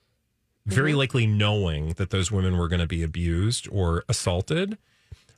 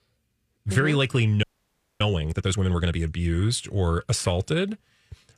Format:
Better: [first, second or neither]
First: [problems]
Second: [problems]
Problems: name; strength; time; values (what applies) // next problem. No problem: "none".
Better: first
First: none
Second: audio freezing; at 1.5 s for 0.5 s